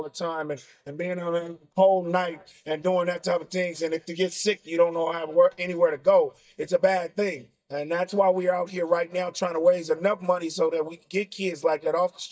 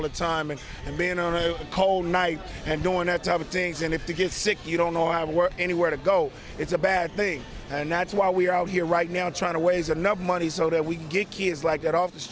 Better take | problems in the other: second | noise reduction (neural mask model DeepFilterNet 3)

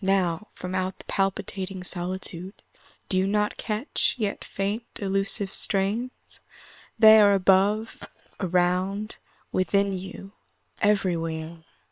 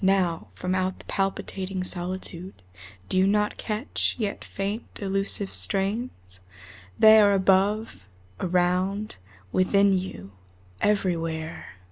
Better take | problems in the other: second | noise reduction (neural separator model SepFormer WHAM!)

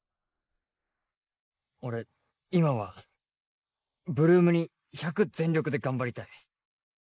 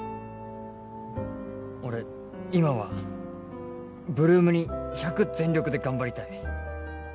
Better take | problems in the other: second | noise reduction (neural mask model Resemble Enhance denoiser)

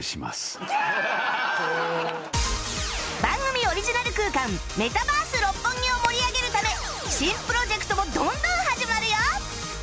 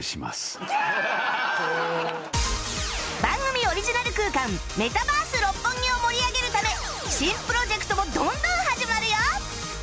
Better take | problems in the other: second | background sound (Crack); 14 dB below the speech

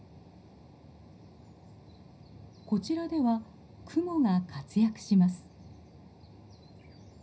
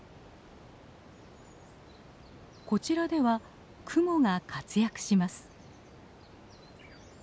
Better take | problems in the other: second | room echo; dies away in 0.4 s

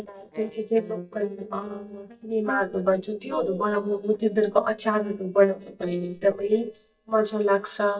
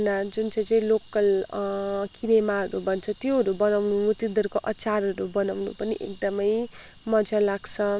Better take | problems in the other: second | noise reduction (neural mask model DeepFilterNet 3)

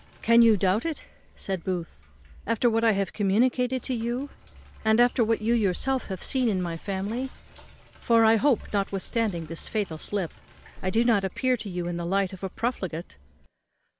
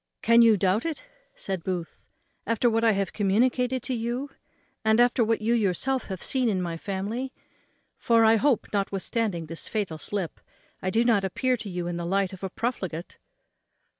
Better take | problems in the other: second | background sound (Sink (filling or washing)); 16 dB below the speech

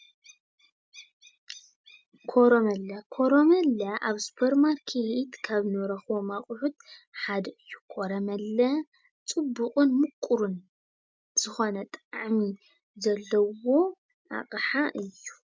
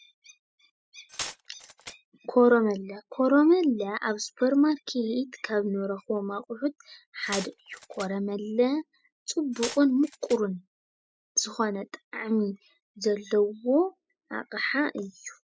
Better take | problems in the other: first | noise reduction (classical method spectral subtraction)

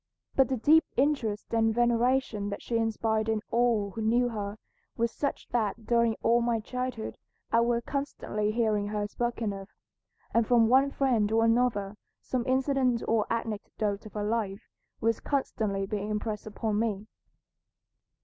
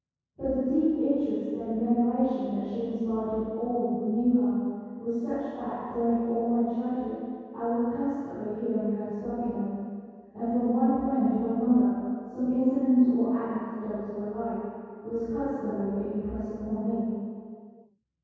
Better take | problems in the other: first | room echo; dies away in 2 s

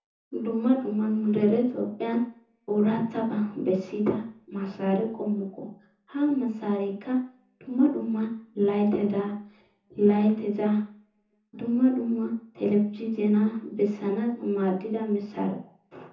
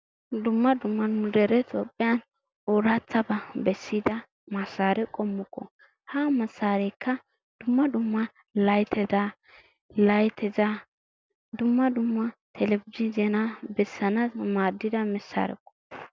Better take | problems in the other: second | room echo; dies away in 0.5 s

